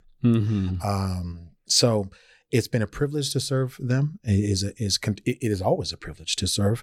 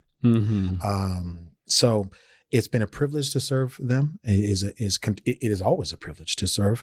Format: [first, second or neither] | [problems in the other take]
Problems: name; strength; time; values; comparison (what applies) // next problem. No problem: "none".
first | garbled, watery; slightly; nothing above 18.5 kHz